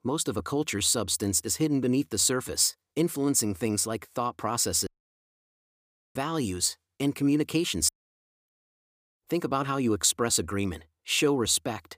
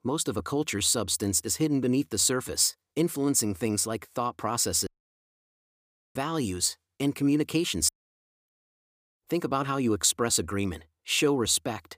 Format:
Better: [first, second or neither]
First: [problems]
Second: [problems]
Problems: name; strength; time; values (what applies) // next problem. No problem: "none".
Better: neither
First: audio cutting out; at 5 s for 1.5 s and at 8 s for 0.5 s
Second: audio cutting out; at 5 s for 1.5 s and at 8 s for 0.5 s